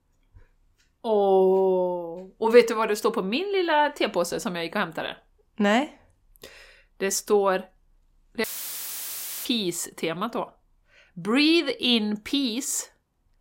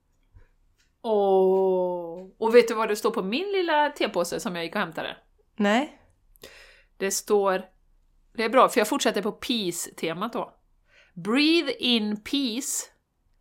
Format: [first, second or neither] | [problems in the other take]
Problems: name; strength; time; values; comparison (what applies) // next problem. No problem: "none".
second | audio cutting out; filled with static; at 8.5 s for 1 s